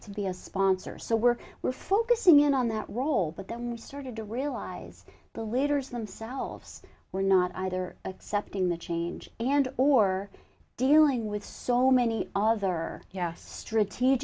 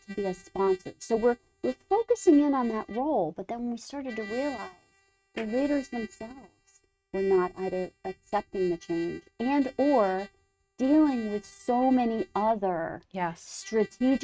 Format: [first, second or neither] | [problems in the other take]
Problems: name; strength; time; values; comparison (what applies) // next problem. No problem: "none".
first | noise reduction (neural mask model RNNoise)